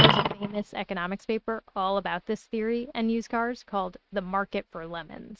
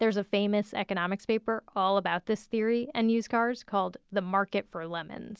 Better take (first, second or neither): second